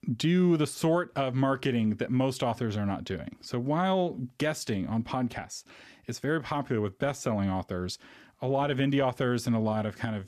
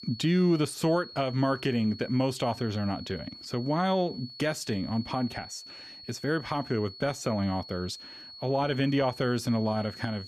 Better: first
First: none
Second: high-pitched whine; noticeable; throughout; 4.5 kHz, 15 dB below the speech

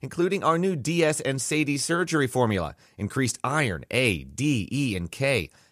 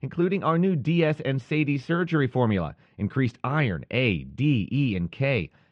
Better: first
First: none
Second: muffled; very; fading above 3 kHz

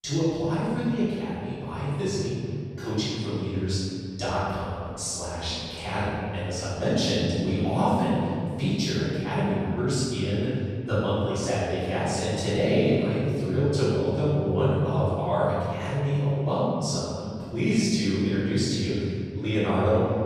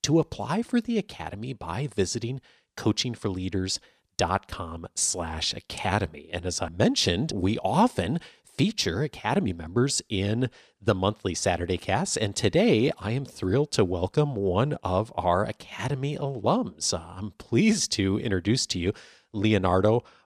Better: second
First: room echo; strong; dies away in 2.6 s // off-mic speech; far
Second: none

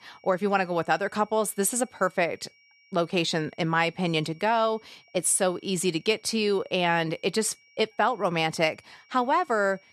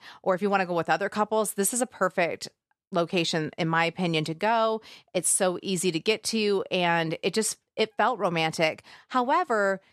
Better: second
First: high-pitched whine; faint; throughout; 2.5 kHz, 30 dB below the speech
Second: none

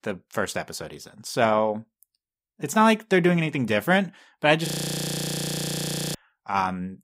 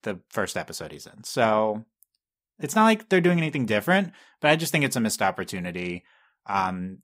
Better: second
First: audio freezing; at 4.5 s for 1.5 s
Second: none

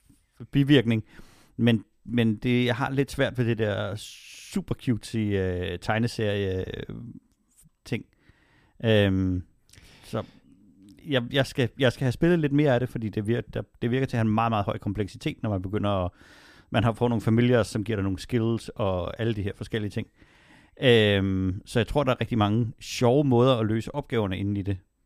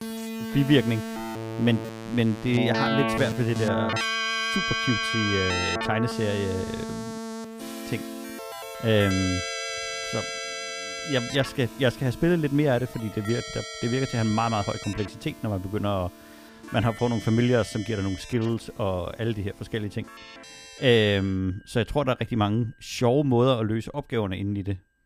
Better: first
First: none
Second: background music; loud; throughout; 4 dB below the speech

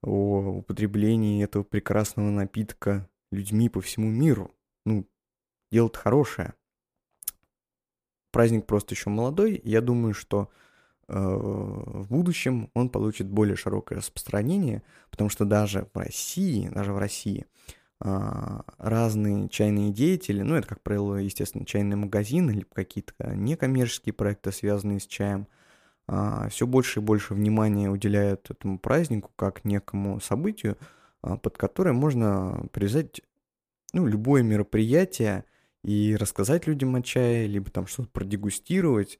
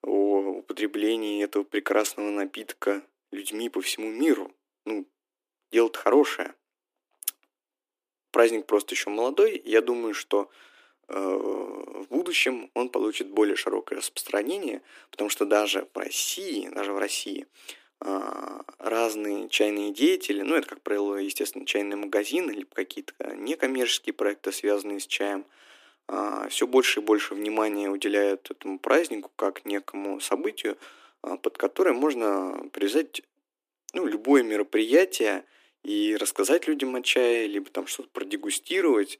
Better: first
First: none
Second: thin; somewhat; fading below 300 Hz

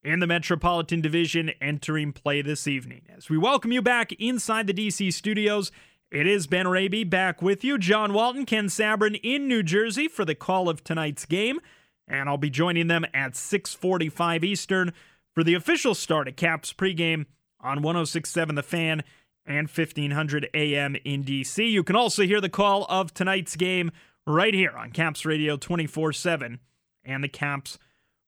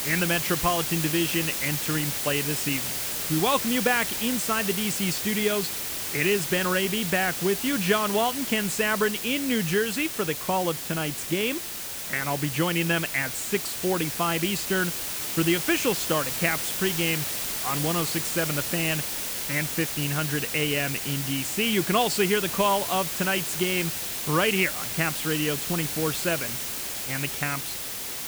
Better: first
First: none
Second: hiss; loud; throughout; 2 dB below the speech

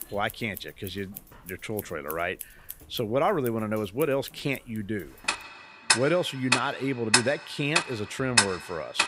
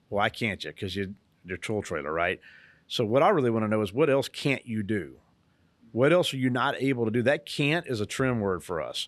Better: second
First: household noises; very loud; throughout; 4 dB above the speech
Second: none

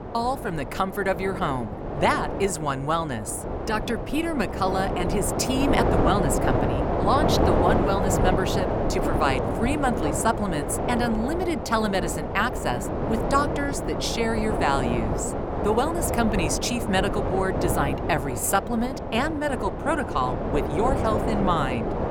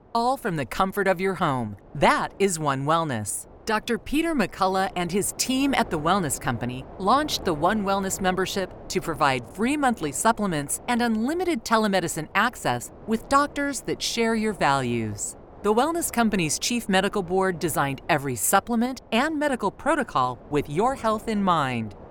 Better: second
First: wind noise on the microphone; heavy; 2 dB below the speech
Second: wind noise on the microphone; occasional gusts; 20 dB below the speech

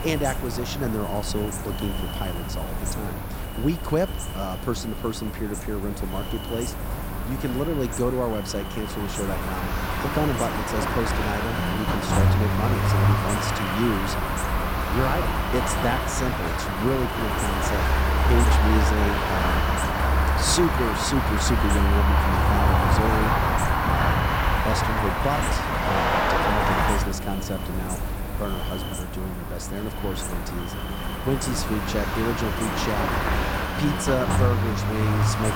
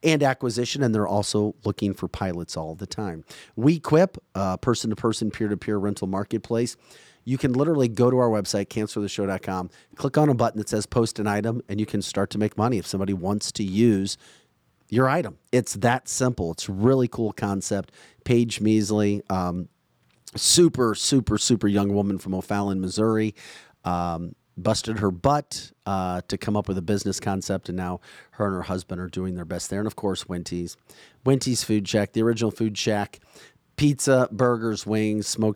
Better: second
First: animal sounds; very loud; throughout; 4 dB above the speech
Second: none

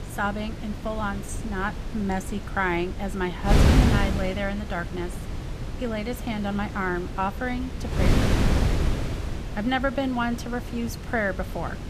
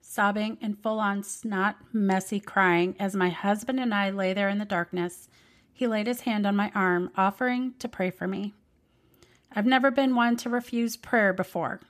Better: second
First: wind noise on the microphone; heavy; 5 dB below the speech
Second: none

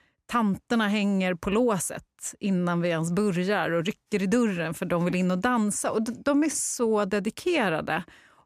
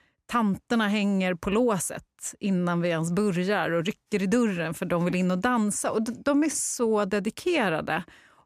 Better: neither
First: none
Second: none

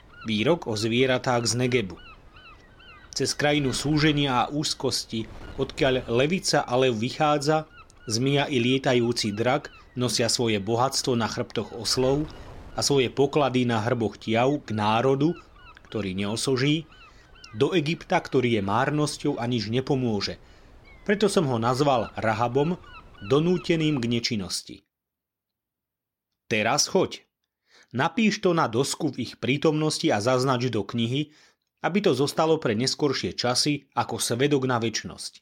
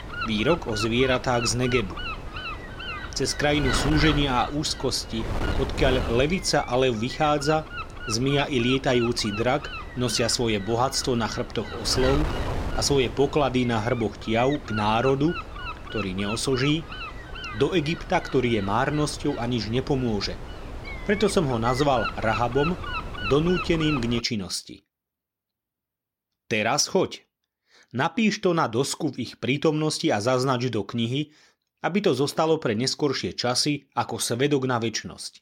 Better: first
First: wind noise on the microphone; occasional gusts; until 24 s; 25 dB below the speech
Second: wind noise on the microphone; heavy; until 24 s; 8 dB below the speech

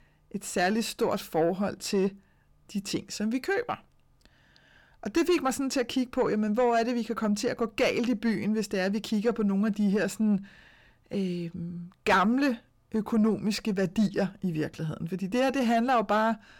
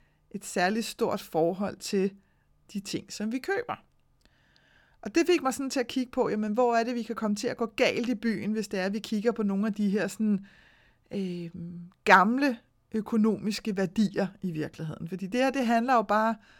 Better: second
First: distortion; slight; 10 dB below the speech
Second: none

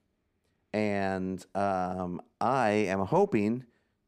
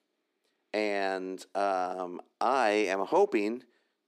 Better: first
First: none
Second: thin; somewhat; fading below 300 Hz

